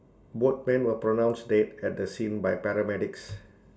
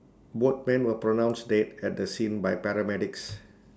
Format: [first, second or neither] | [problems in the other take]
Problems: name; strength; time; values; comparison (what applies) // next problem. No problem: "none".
second | room echo; dies away in 0.2 s